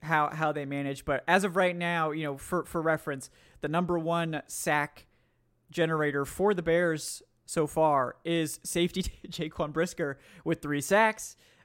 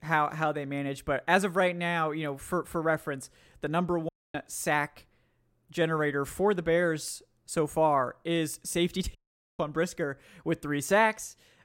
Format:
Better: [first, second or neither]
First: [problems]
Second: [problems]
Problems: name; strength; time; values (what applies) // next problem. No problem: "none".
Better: first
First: none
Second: audio cutting out; at 4 s and at 9 s